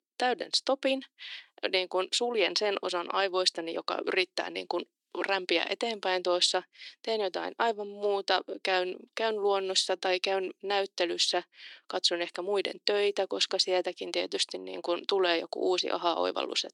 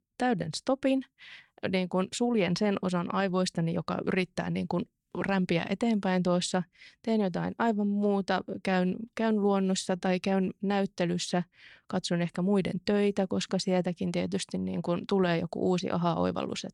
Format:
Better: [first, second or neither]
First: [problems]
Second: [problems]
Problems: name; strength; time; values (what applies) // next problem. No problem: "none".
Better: second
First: thin; very; fading below 300 Hz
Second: none